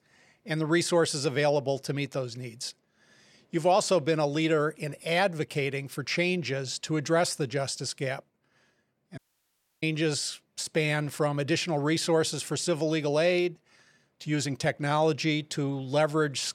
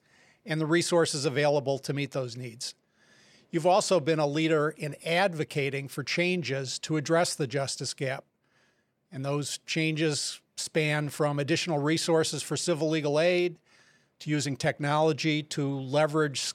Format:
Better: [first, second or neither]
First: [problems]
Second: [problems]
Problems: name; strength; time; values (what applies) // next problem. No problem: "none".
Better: second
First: audio cutting out; at 9 s for 0.5 s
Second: none